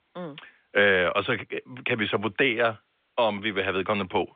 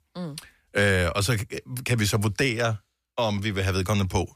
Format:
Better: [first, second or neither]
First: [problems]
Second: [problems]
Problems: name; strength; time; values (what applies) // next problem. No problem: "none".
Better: second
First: phone-call audio; nothing above 3.5 kHz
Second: none